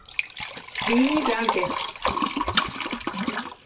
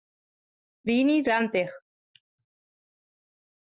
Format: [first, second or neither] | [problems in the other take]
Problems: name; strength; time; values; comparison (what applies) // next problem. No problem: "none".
second | background sound (Liquid); 1 dB above the speech // room echo; dies away in 0.1 s